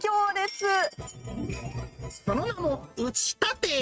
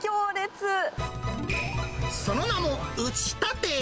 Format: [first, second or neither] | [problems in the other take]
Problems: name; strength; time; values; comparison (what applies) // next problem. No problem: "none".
second | noise reduction (neural mask model RNNoise)